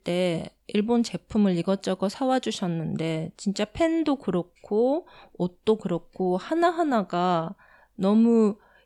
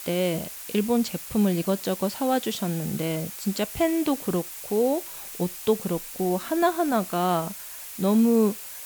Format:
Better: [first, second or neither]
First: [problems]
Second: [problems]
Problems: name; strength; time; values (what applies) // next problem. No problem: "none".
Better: first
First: none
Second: hiss; loud; throughout; 10 dB below the speech